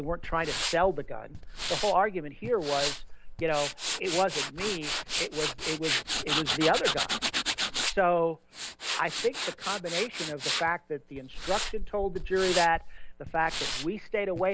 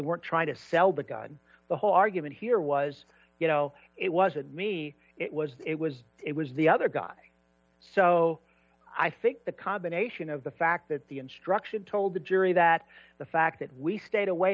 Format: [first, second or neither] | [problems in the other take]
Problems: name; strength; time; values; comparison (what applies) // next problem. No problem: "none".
second | background sound (Tools); 3 dB below the speech